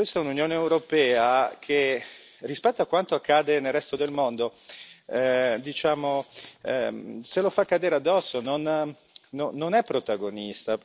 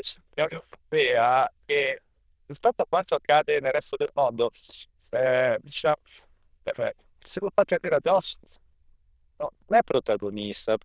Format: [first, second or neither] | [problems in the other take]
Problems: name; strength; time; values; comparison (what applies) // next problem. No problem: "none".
first | noise reduction (neural diffusion model UNIVERSE++)